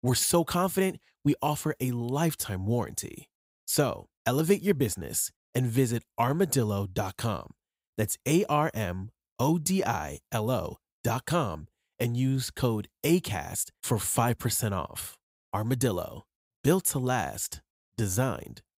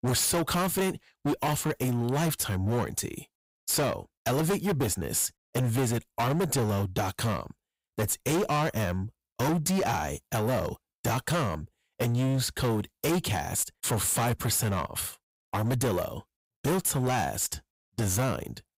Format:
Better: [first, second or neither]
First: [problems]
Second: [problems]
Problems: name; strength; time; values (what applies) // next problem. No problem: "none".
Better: first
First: none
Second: distortion; heavy; 19% of the sound clipped